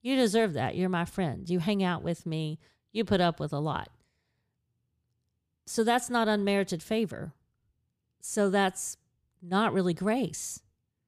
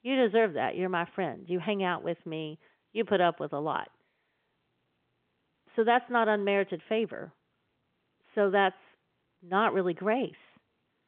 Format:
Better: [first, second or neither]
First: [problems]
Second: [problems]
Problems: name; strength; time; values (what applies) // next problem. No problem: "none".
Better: first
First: none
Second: phone-call audio; nothing above 3.5 kHz